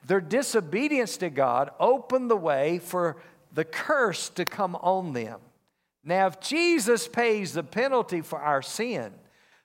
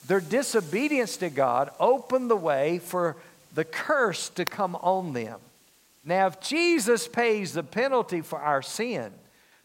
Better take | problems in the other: first | hiss; faint; throughout; 30 dB below the speech

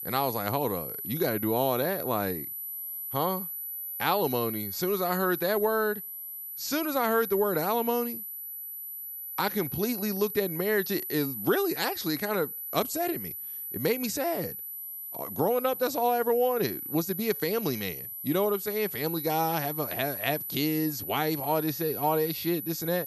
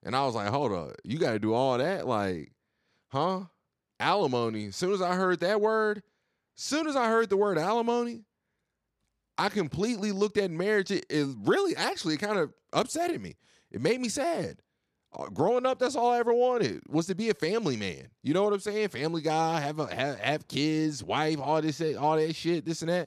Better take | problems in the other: second | high-pitched whine; loud; throughout; 12 kHz, 5 dB below the speech

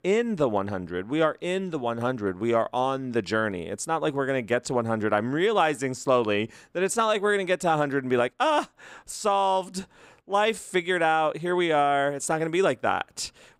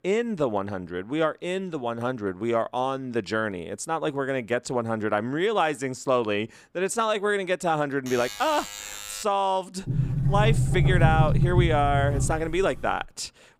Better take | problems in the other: first | alarm; noticeable; from 8 to 9 s; peak 9 dB below the speech // door banging; loud; from 10 to 13 s; peak 5 dB above the speech

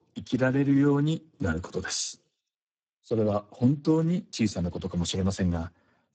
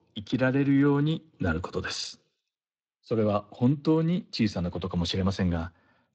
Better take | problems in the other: second | garbled, watery; badly; nothing above 8 kHz; slightly in the second

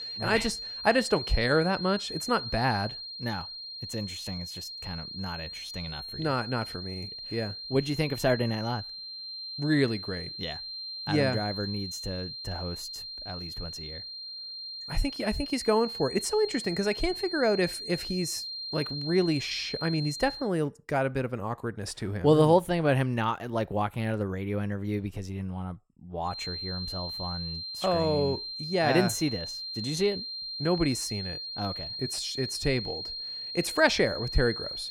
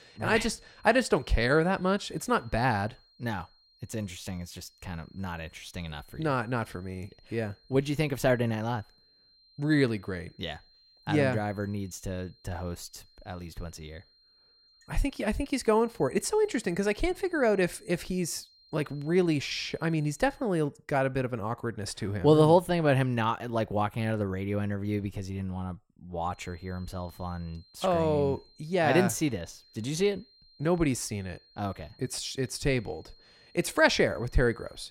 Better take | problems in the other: second | high-pitched whine; loud; until 20 s and from 26 s on; 4 kHz, 6 dB below the speech; faint in the second

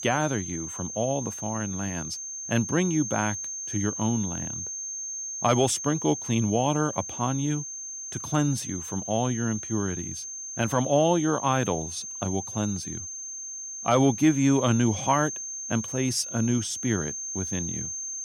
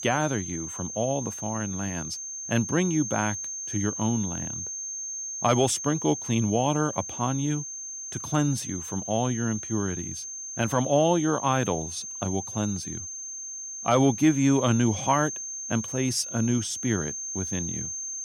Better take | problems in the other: neither | high-pitched whine; loud; throughout; 6.5 kHz, 6 dB below the speech; the same in both

